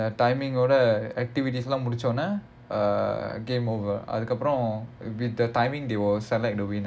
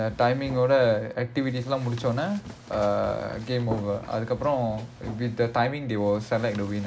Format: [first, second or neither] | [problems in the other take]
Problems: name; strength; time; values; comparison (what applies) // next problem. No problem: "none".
first | background sound (Run); 18 dB below the speech